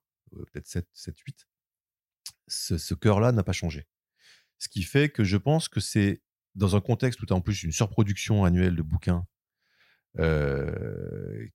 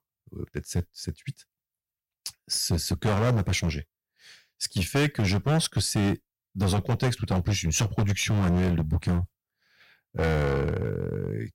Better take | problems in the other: first | distortion; heavy; 11% of the sound clipped

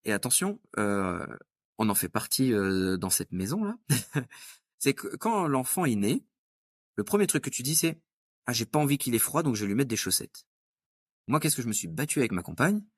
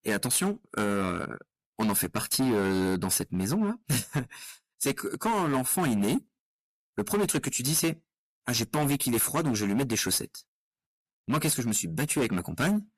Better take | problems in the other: first | distortion; heavy; 12% of the sound clipped

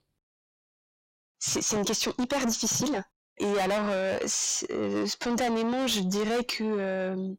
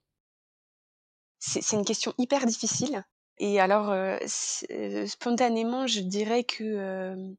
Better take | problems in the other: second | distortion; heavy; 5 dB below the speech

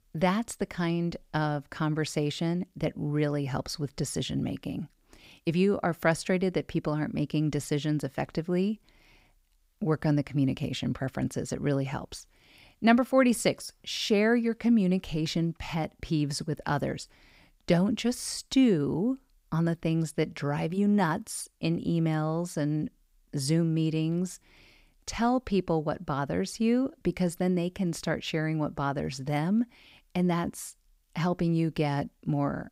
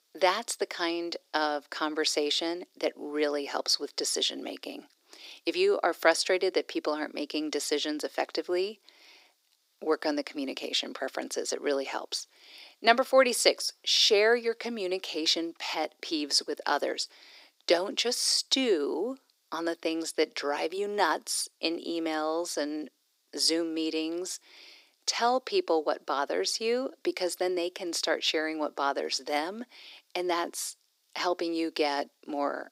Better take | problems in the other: first | thin; very; fading below 350 Hz

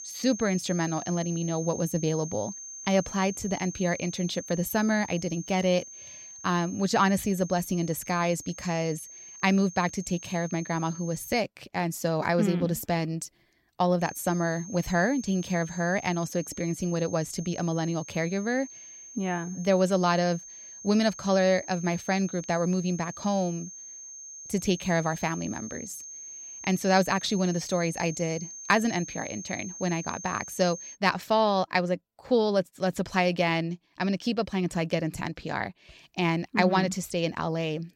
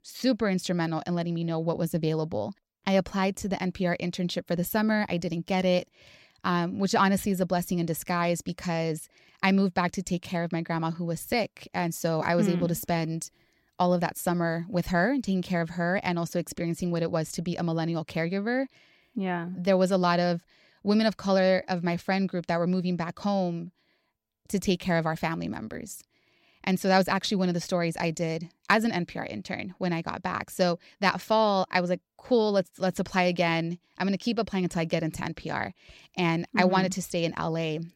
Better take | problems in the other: second | high-pitched whine; noticeable; until 11 s and from 14 to 31 s; 6.5 kHz, 15 dB below the speech

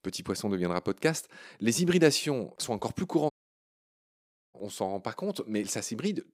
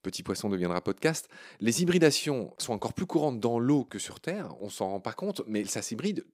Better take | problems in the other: second | audio cutting out; at 3.5 s for 1 s

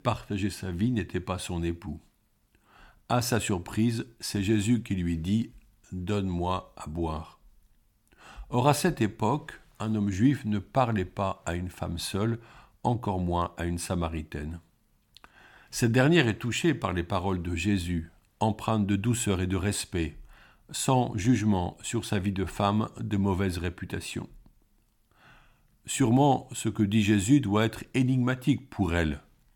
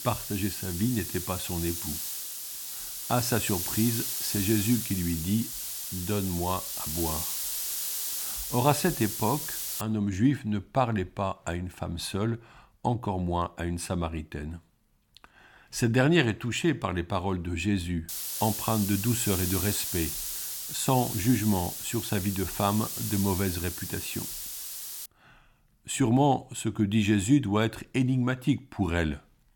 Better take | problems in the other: first | hiss; loud; until 10 s and from 18 to 25 s; 3 dB below the speech

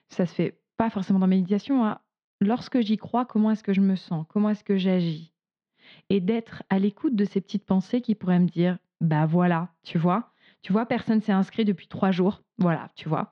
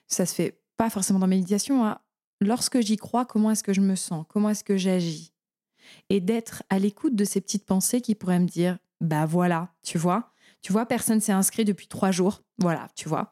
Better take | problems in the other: second | muffled; very; fading above 4 kHz

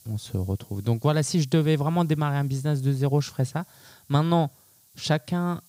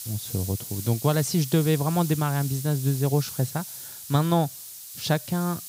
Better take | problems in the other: first | hiss; loud; throughout; 10 dB below the speech; faint in the first

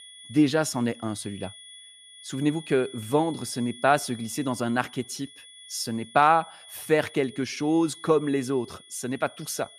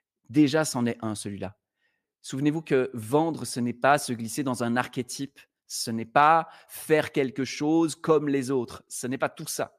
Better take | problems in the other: second | high-pitched whine; noticeable; throughout; 3.5 kHz, 20 dB below the speech

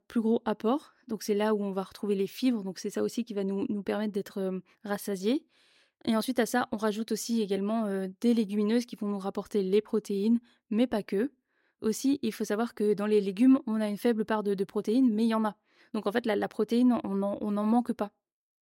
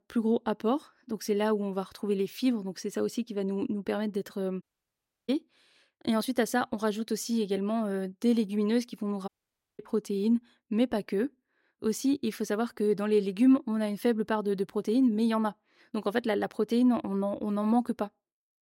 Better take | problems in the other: first | audio cutting out; at 4.5 s for 0.5 s and at 9.5 s for 0.5 s

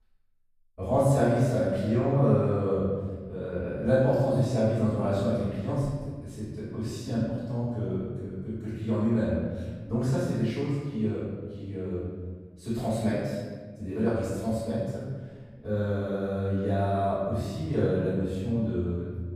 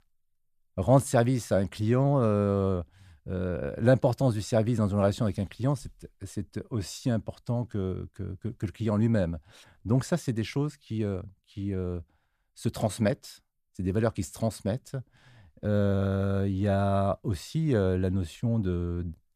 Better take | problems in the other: second | room echo; strong; dies away in 1.4 s // off-mic speech; far

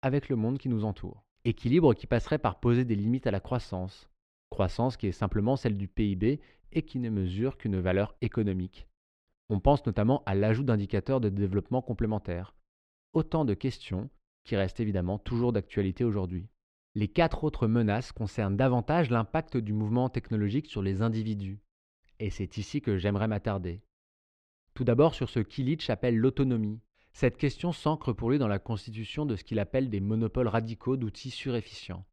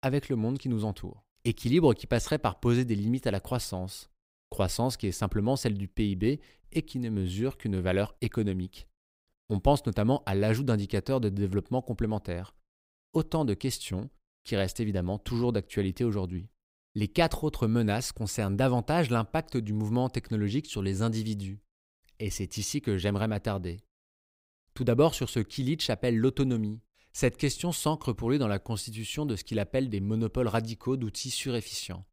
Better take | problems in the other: second | muffled; slightly; fading above 3 kHz

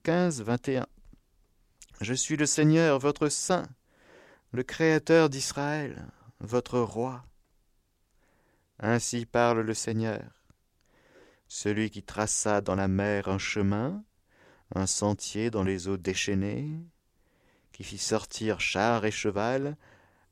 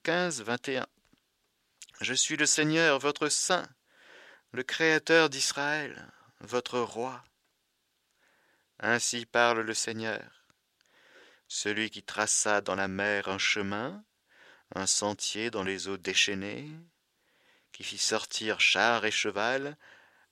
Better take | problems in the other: first | thin; somewhat; fading below 550 Hz

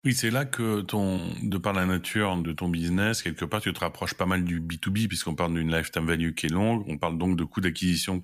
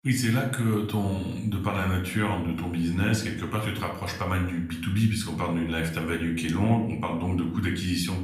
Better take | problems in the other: first | room echo; slight; dies away in 0.6 s // off-mic speech; somewhat distant

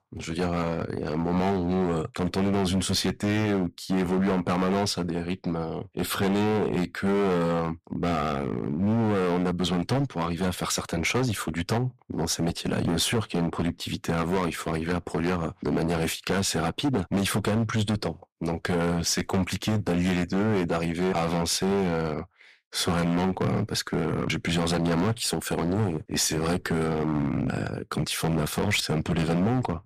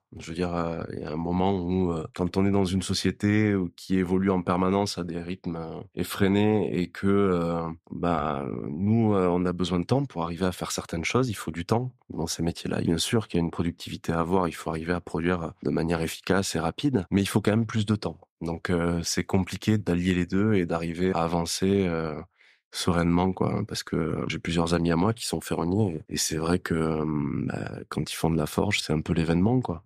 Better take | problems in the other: second | distortion; heavy; 15% of the sound clipped

